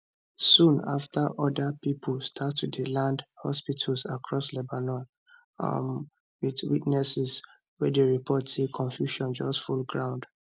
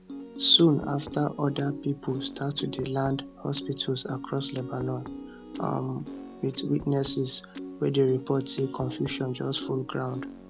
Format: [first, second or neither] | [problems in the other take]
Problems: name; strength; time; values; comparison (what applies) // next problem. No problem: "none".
first | background sound (Piano); 11 dB below the speech